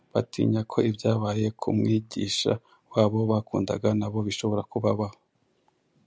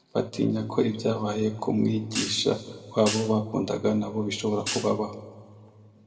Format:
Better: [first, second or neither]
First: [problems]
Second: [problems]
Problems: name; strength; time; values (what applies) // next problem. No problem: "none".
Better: first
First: none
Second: background sound (Hi-hat); 10 dB below the speech // room echo; dies away in 1.4 s